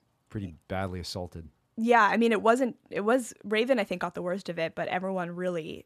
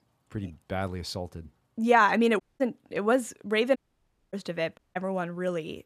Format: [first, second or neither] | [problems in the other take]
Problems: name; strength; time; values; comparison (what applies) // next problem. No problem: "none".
first | audio cutting out; at 2.5 s, at 4 s for 0.5 s and at 5 s